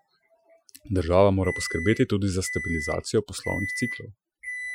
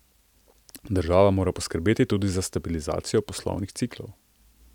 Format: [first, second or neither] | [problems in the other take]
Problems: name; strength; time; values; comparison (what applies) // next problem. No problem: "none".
second | noise reduction (classical method Wiener filter)